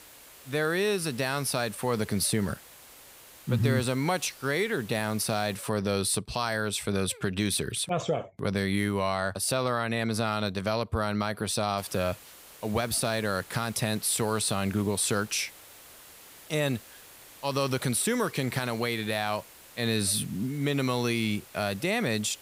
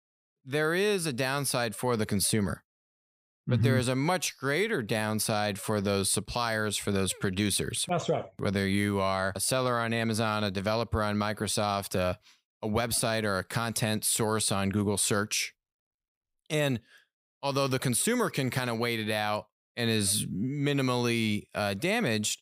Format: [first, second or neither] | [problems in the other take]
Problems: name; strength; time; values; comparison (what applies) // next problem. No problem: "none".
second | hiss; noticeable; until 5.5 s and from 12 s on; 20 dB below the speech